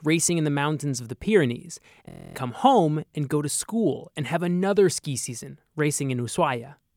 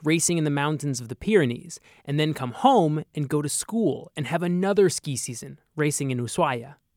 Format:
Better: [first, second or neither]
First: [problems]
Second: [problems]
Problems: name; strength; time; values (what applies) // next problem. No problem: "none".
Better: second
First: audio freezing; at 2 s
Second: none